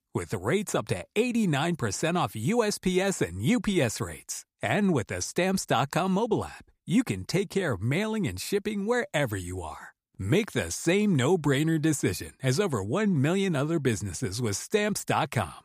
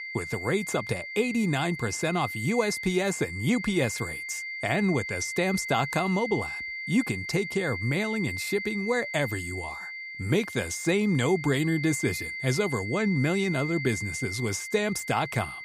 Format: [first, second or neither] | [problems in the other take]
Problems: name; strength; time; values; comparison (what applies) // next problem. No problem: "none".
first | high-pitched whine; loud; throughout; 2 kHz, 6 dB below the speech